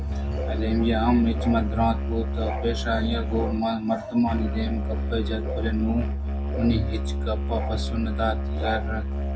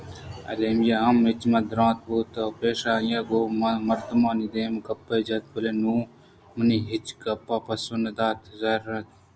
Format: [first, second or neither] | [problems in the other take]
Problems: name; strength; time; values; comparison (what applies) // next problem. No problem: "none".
second | background sound (Musical instrument); as loud as the speech // room echo; dies away in 0.4 s